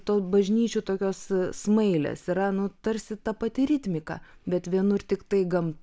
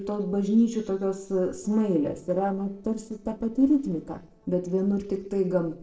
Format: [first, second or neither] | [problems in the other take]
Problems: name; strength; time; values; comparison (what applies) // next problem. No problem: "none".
first | noise reduction (neural separator model SepFormer DNS4)